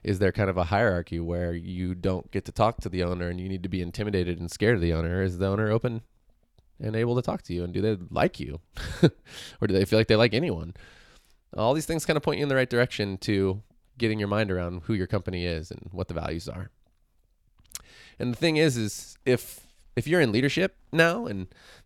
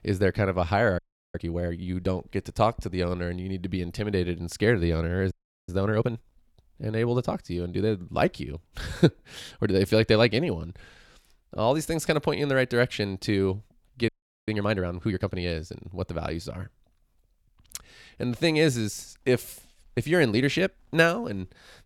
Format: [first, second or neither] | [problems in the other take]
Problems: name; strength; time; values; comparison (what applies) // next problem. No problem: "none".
first | audio freezing; at 1 s, at 5.5 s and at 14 s